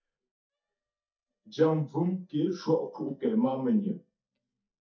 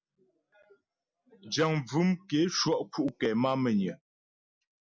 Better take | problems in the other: second | noise reduction (neural mask model DeepFilterNet 3)

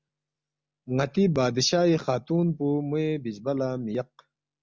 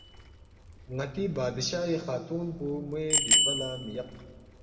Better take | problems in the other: first | background sound (Bicycle bell); 3 dB above the speech // room echo; dies away in 1.6 s

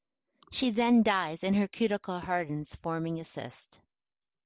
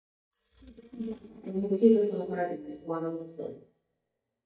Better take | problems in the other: first | noise reduction (neural mask model DeepFilterNet 3)

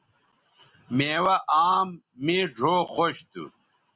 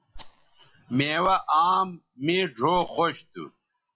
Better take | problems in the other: first | noise reduction (classical method log-MMSE)

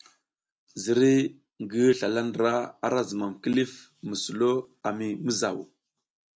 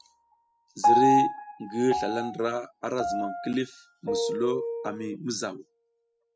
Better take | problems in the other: first | noise reduction (classical method spectral subtraction)

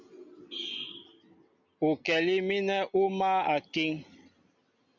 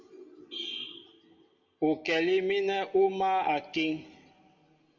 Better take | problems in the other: first | room echo; dies away in 1.6 s

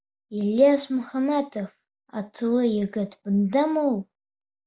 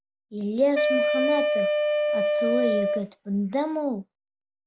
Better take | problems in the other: first | background sound (Wind instrument, woodwind instrument); 4 dB above the speech

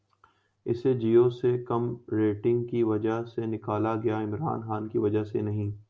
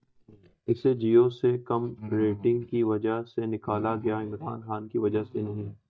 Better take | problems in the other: first | noise reduction (neural mask model DeepFilterNet 3)

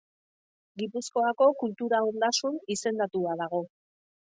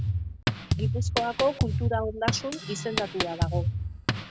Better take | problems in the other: first | background sound (Drum kit); 3 dB above the speech

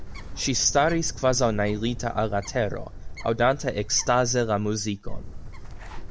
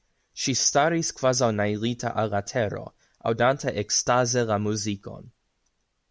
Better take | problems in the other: second | background sound (Bird); 8 dB below the speech

